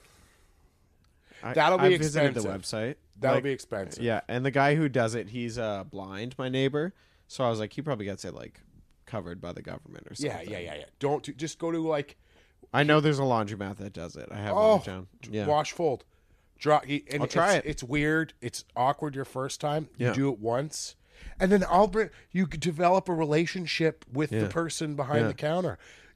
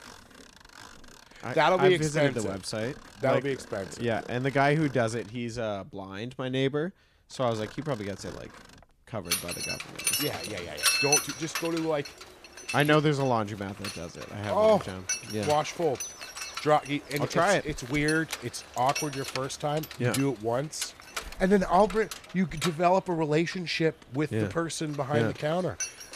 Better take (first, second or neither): first